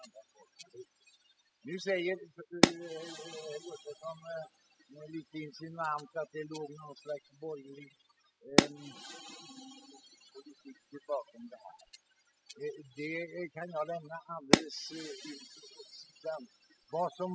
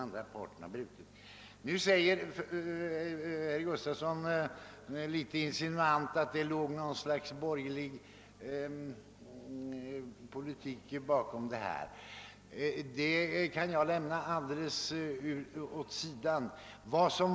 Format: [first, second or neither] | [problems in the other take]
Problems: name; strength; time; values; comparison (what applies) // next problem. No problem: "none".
second | noise reduction (classical method spectral subtraction)